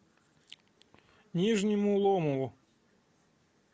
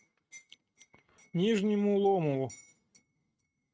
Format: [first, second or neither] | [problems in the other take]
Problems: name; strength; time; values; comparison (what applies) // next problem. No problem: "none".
first | noise reduction (neural mask model RNNoise)